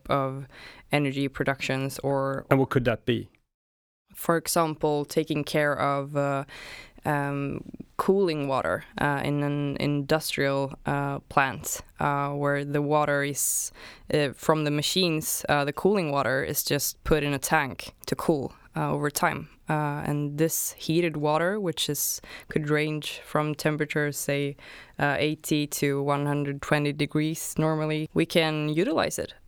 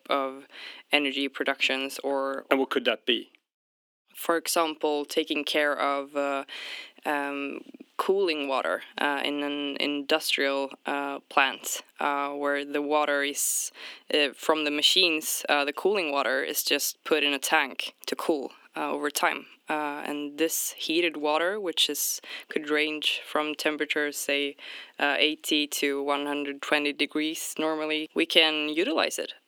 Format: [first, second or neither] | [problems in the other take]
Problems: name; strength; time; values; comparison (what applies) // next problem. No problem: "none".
first | thin; very slightly; fading below 250 Hz